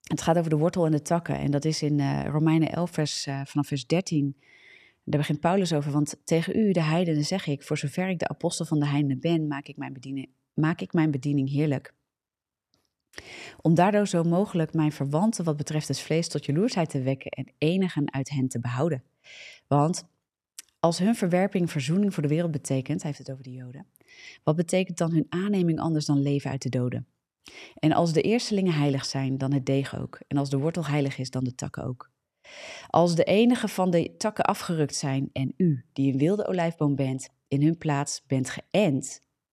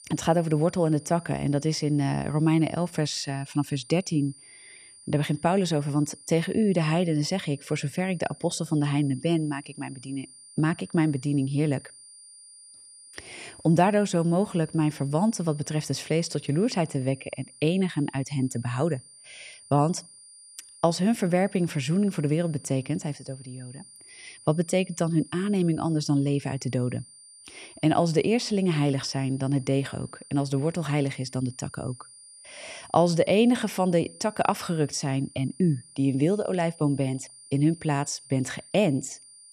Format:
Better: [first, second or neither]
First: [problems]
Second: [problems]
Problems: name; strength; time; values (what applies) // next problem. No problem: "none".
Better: first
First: none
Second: high-pitched whine; faint; throughout; 9 kHz, 20 dB below the speech